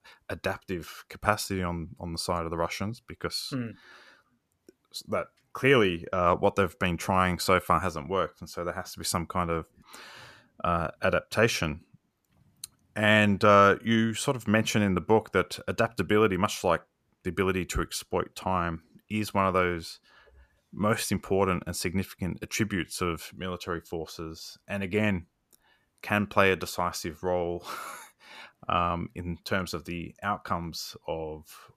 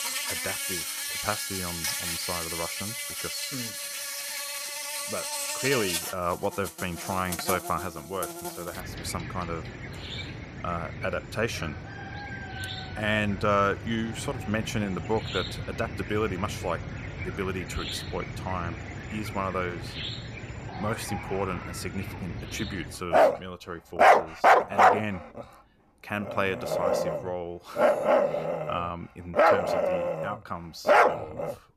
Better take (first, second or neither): first